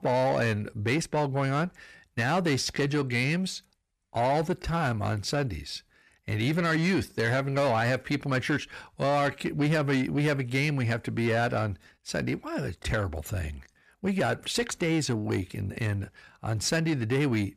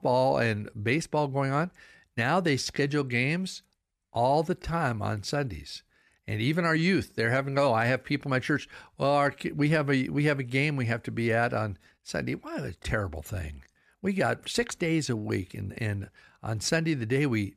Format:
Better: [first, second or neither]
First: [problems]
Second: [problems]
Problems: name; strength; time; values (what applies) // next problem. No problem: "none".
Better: second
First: distortion; slight; 10 dB below the speech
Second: none